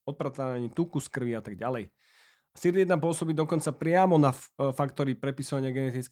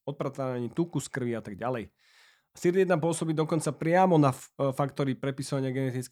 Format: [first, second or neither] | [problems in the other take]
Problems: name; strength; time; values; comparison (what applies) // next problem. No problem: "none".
second | garbled, watery; slightly